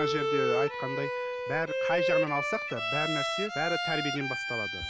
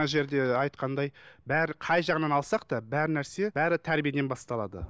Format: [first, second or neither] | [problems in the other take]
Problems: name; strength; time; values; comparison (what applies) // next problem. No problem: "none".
second | background sound (Bowed string instrument); 3 dB above the speech